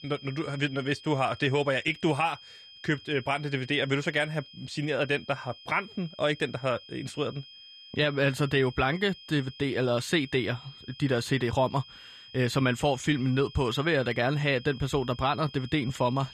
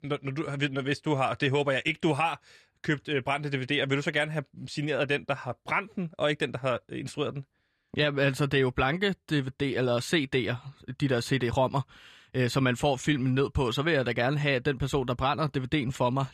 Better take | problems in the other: second | high-pitched whine; noticeable; throughout; 3 kHz, 20 dB below the speech

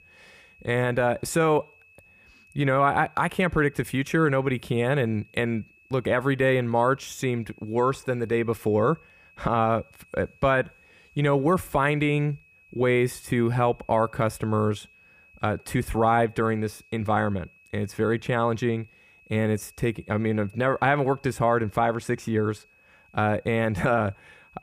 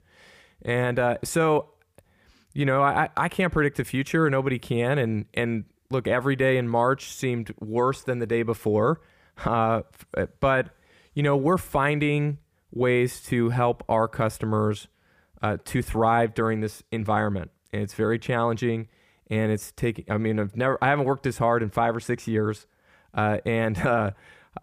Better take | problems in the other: second | high-pitched whine; faint; throughout; 2.5 kHz, 30 dB below the speech

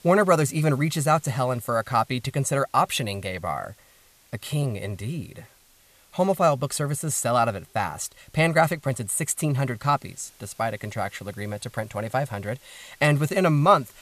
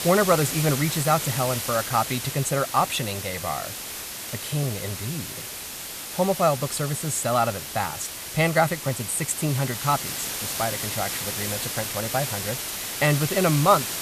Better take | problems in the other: first | hiss; loud; throughout; 5 dB below the speech; faint in the first

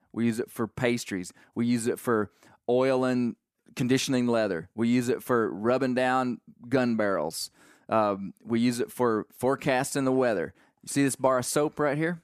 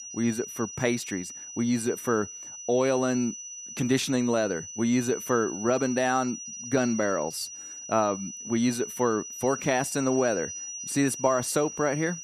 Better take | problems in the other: first | high-pitched whine; loud; throughout; 6 kHz, 9 dB below the speech

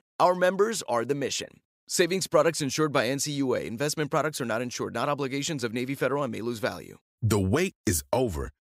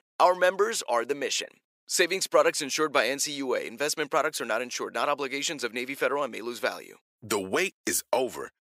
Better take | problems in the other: first | thin; somewhat; fading below 400 Hz

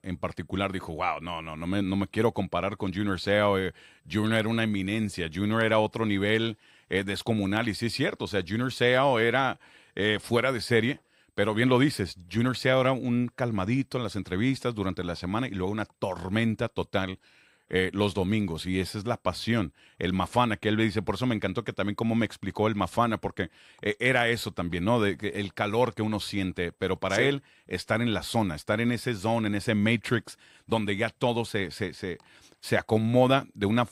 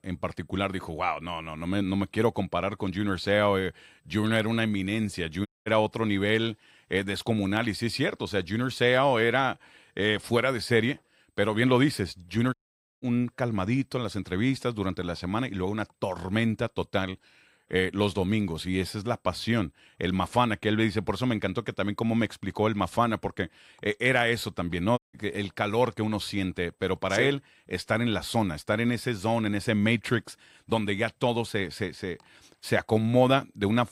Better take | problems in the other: first | audio cutting out; at 5.5 s, at 13 s and at 25 s

